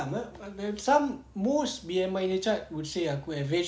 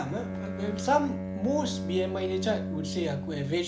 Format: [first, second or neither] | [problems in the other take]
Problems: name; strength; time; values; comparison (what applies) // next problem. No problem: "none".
first | background sound (Bowed string instrument); 4 dB below the speech